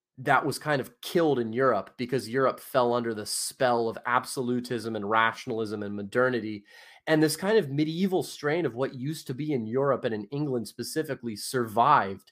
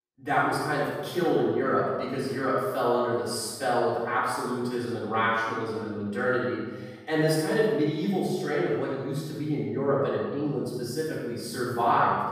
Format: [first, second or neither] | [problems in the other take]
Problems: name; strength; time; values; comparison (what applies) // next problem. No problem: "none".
first | off-mic speech; far // room echo; strong; dies away in 1.1 s